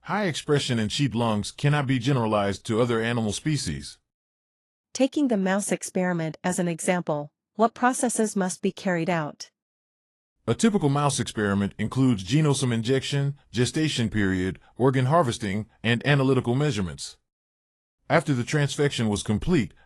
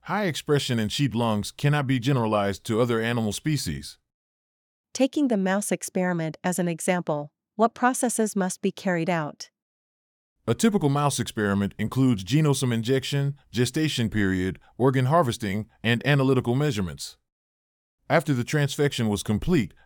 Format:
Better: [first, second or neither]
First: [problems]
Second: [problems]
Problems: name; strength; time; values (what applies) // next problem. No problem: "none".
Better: second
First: garbled, watery; slightly; nothing above 11 kHz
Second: none